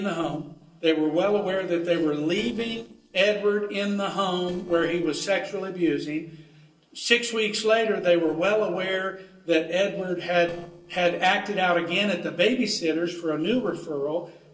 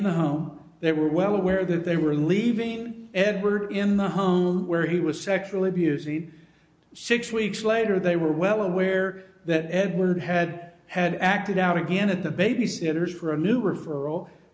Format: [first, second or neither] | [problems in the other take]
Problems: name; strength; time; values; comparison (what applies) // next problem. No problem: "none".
second | noise reduction (neural separator model SepFormer DNS4)